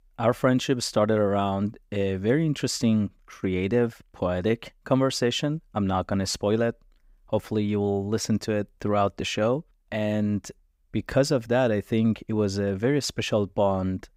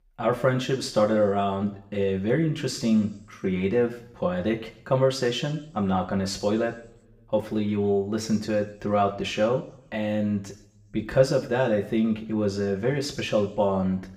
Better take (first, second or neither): first